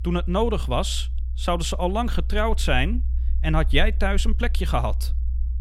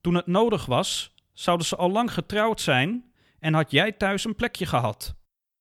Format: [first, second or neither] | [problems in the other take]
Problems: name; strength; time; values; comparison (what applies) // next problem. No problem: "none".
second | low rumble; faint; throughout; 25 dB below the speech